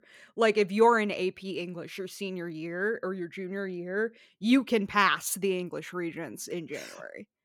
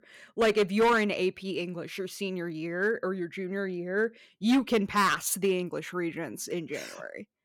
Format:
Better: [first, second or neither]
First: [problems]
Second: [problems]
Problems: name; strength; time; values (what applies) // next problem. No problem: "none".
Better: first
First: none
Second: distortion; slight; 4% of the sound clipped